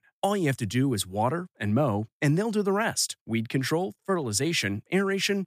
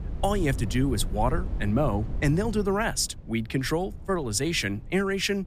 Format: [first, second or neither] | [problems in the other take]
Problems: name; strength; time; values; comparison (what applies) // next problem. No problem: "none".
first | wind noise on the microphone; occasional gusts; 20 dB below the speech